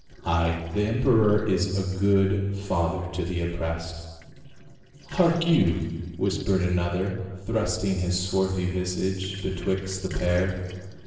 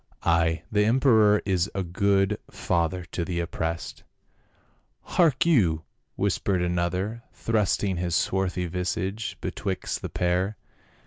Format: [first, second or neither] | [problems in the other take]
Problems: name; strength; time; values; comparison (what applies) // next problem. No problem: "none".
second | noise reduction (neural separator model SepFormer DNS4)